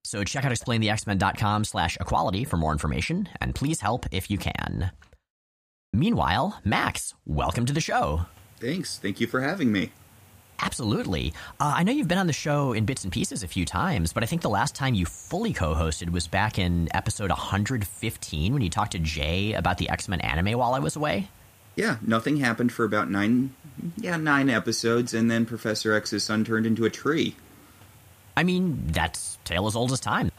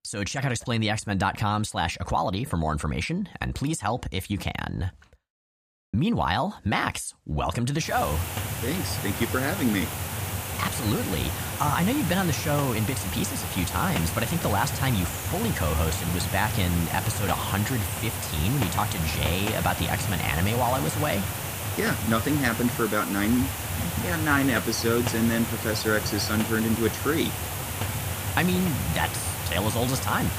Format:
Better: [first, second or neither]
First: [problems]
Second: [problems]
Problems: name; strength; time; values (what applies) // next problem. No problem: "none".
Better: first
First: hiss; faint; from 8 s on; 25 dB below the speech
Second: hiss; loud; from 8 s on; 3 dB below the speech